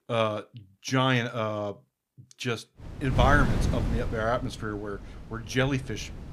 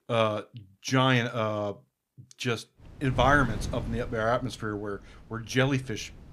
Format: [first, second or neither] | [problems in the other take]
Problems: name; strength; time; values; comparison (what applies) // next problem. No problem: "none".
second | wind noise on the microphone; heavy; from 3 s on; 9 dB below the speech; occasional gusts in the second